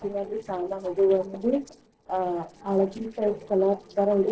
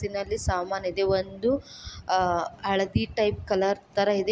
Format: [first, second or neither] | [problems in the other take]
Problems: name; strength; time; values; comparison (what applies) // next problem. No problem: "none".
second | noise reduction (neural separator model SepFormer DNS4)